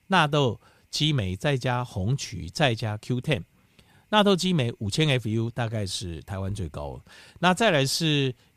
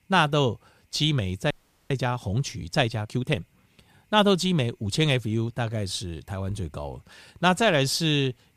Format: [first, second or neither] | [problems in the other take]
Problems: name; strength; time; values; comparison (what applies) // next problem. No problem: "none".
first | audio freezing; at 1.5 s